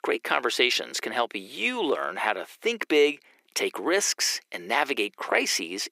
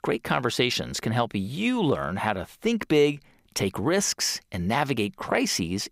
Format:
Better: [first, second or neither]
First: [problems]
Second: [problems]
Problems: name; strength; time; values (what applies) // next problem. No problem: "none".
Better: second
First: thin; somewhat; fading below 350 Hz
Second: none